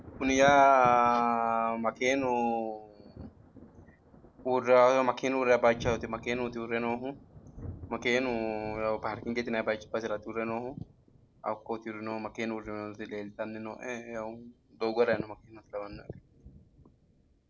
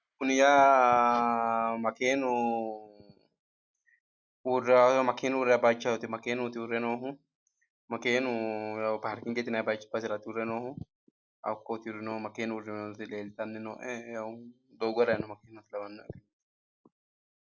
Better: second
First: background sound (Thunder); 18 dB below the speech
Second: none

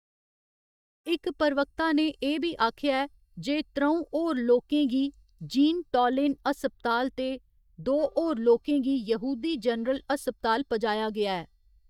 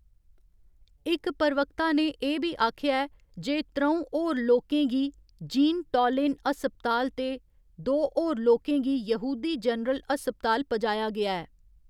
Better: second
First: noise reduction (neural mask model DeepFilterNet 3)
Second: none

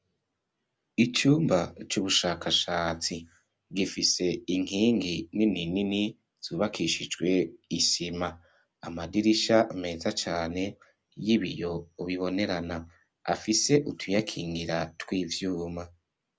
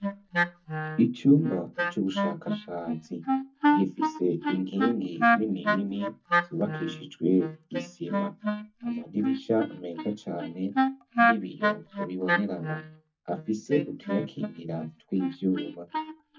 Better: first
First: none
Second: noise reduction (neural mask model DeepFilterNet 3)

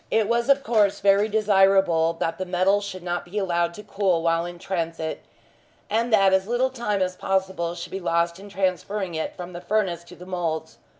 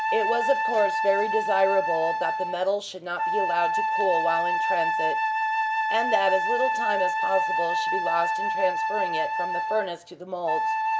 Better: first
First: none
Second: background sound (Wind instrument, woodwind instrument); 2 dB above the speech

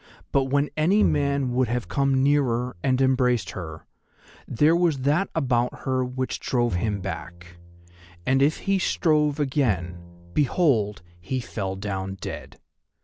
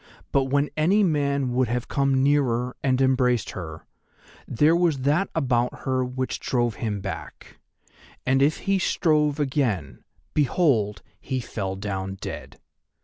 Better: second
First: background sound (Bowed string instrument); 12 dB below the speech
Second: none

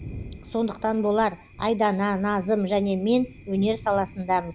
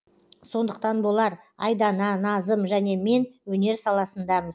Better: second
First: background sound (Thunder); 18 dB below the speech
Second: none

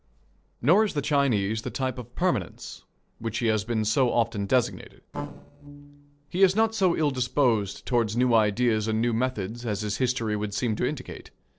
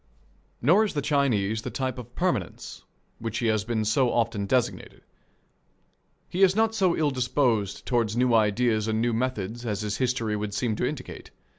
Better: second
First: noise reduction (neural separator model SepFormer DNS4)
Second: none

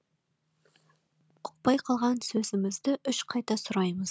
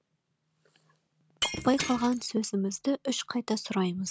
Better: first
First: none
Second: background sound (Shatter); 8 dB below the speech

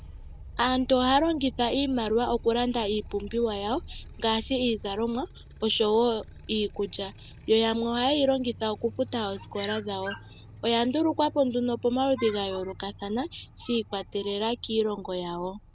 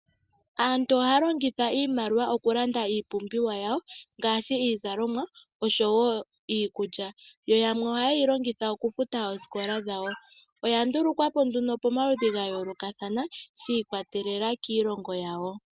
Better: second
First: background sound (Motorcycle); 17 dB below the speech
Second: none

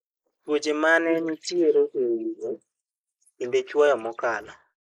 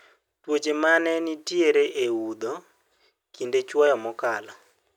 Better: second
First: noise reduction (neural mask model Resemble Enhance denoiser)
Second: none

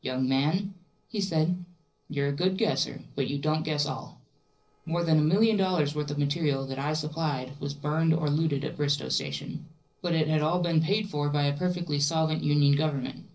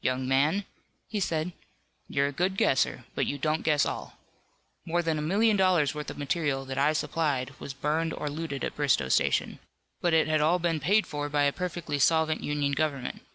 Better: second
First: noise reduction (neural separator model SepFormer DNS4)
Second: none

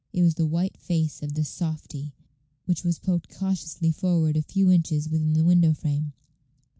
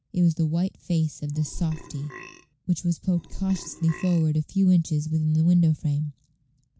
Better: first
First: none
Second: background sound (Burping, eructation); 14 dB below the speech

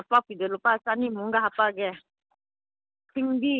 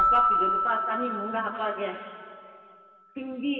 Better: first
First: none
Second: background sound (Keyboard (musical)); 4 dB above the speech // room echo; dies away in 2.5 s

